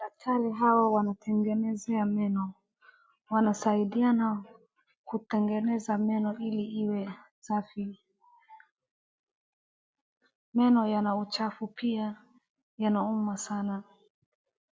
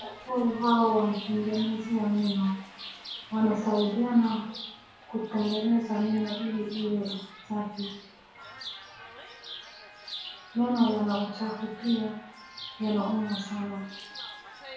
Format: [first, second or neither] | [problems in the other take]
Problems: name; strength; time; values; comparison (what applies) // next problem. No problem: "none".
first | background sound (Chirp, tweet); 14 dB below the speech // room echo; dies away in 0.6 s